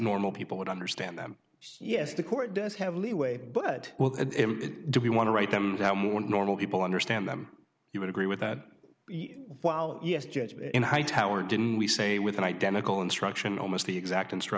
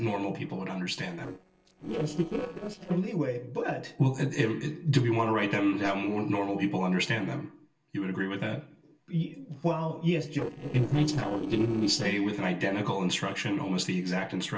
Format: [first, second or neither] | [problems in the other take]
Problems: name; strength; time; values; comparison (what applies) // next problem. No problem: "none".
first | noise reduction (neural separator model SepFormer DNS4)